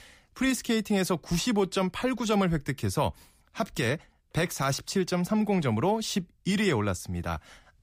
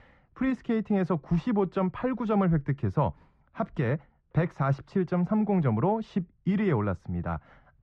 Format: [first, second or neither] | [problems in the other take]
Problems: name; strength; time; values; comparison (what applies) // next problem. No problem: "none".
first | muffled; very; fading above 1.5 kHz